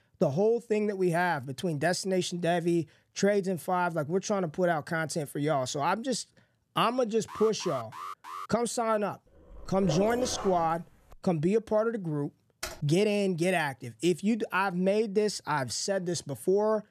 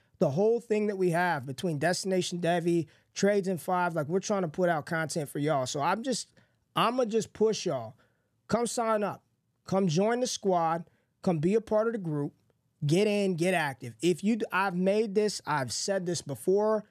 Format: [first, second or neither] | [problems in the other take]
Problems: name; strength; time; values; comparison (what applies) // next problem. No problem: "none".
second | alarm; faint; from 7.5 to 8.5 s; peak 10 dB below the speech // dog barking; noticeable; from 9.5 to 11 s; peak 6 dB below the speech // keyboard typing; faint; at 13 s; peak 10 dB below the speech